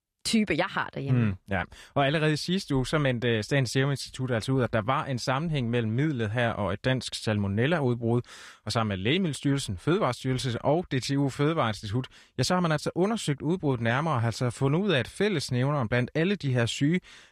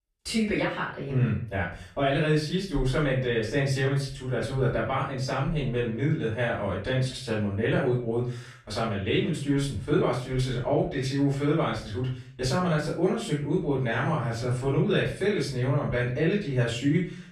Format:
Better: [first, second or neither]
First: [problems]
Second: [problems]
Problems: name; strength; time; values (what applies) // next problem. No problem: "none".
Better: first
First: none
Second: room echo; noticeable; dies away in 0.4 s // off-mic speech; far